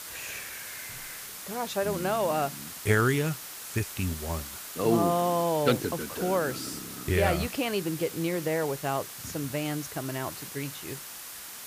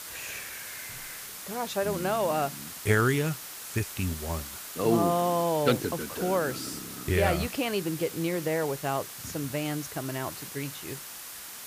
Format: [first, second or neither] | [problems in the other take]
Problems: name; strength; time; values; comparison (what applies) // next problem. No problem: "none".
neither | hiss; loud; throughout; 9 dB below the speech; the same in both